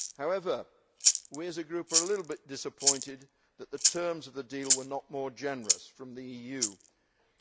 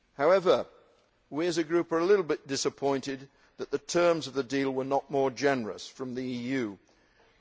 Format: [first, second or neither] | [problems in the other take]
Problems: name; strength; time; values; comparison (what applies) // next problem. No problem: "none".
second | background sound (Rattle (instrument)); 4 dB above the speech